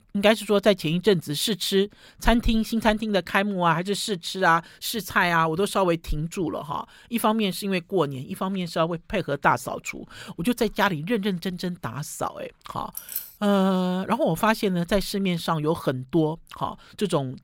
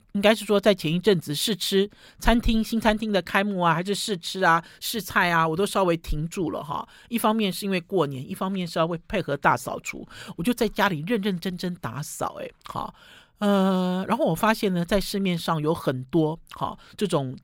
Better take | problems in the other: second | jangling keys; noticeable; at 13 s; peak 7 dB below the speech

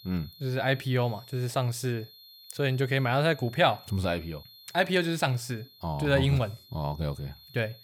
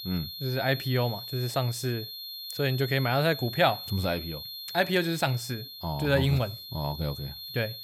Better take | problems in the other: first | high-pitched whine; loud; throughout; 4.5 kHz, 9 dB below the speech; faint in the first

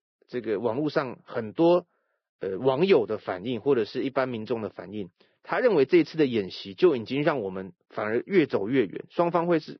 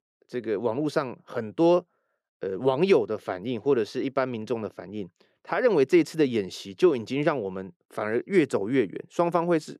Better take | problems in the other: second | garbled, watery; badly; nothing above 5.5 kHz

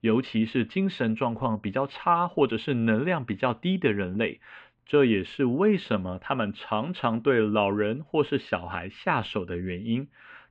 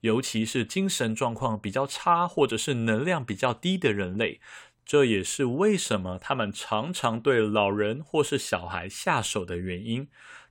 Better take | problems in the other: second | muffled; very; fading above 3 kHz

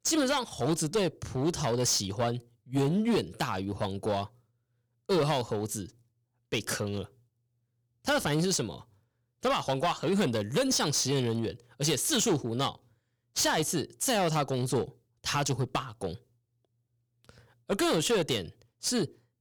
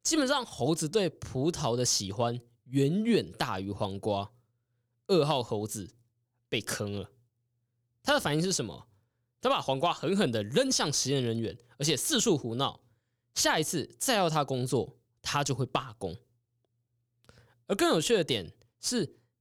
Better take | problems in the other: second | distortion; slight; 7% of the sound clipped

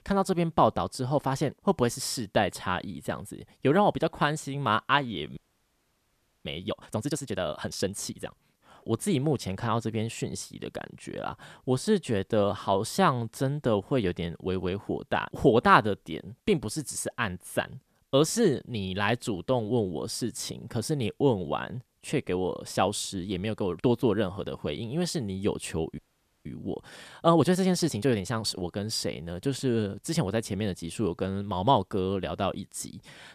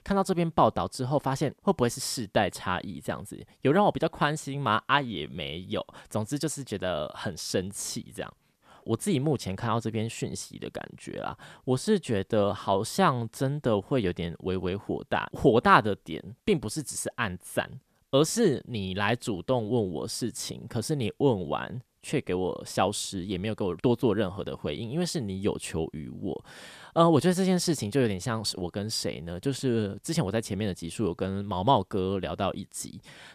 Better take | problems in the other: second | audio freezing; at 5.5 s for 1 s and at 26 s

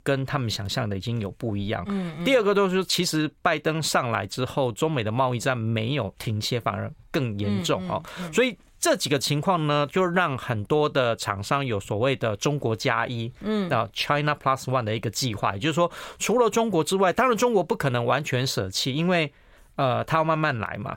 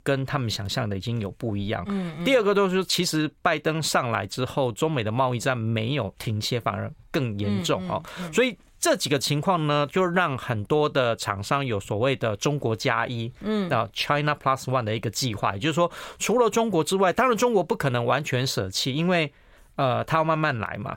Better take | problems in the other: neither | none

